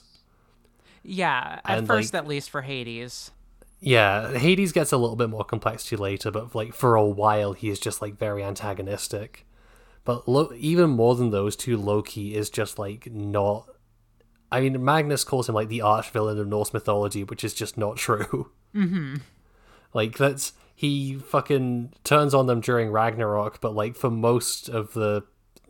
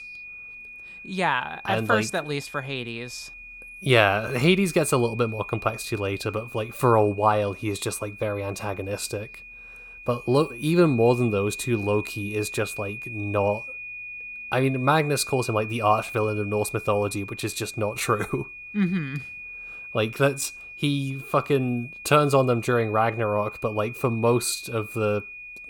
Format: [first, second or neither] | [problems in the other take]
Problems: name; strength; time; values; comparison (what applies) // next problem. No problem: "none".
first | high-pitched whine; noticeable; throughout; 2.5 kHz, 10 dB below the speech